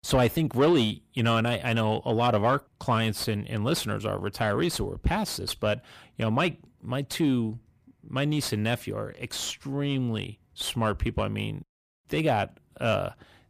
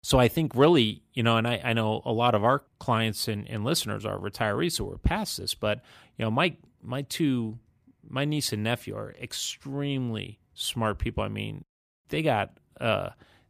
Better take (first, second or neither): second